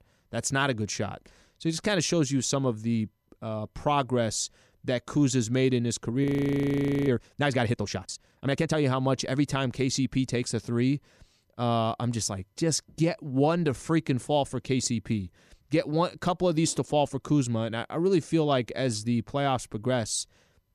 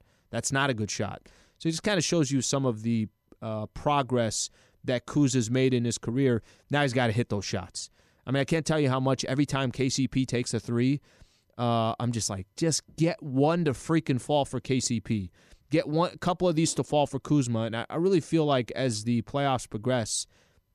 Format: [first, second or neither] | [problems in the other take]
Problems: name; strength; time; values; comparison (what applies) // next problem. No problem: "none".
second | audio freezing; at 6 s for 1 s